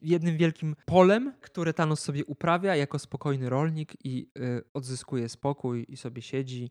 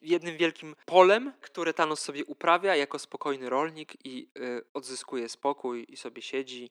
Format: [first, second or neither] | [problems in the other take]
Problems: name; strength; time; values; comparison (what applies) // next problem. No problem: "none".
first | thin; somewhat; fading below 300 Hz